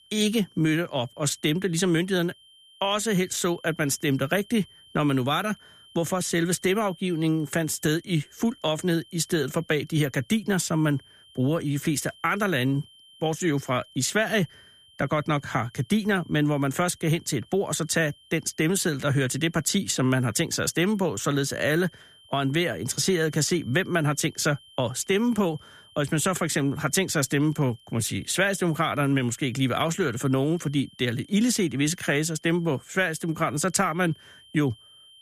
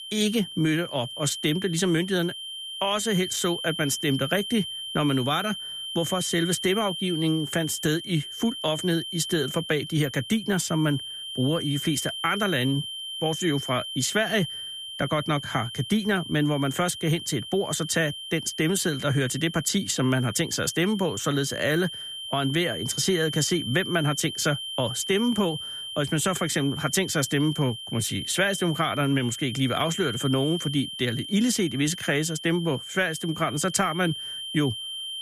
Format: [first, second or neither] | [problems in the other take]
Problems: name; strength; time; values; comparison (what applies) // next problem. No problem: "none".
first | high-pitched whine; loud; throughout; 3 kHz, 7 dB below the speech; faint in the first